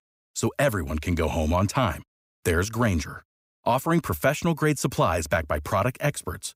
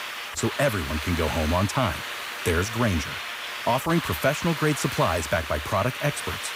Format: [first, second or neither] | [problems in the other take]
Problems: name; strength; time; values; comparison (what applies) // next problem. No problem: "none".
first | hiss; loud; throughout; 6 dB below the speech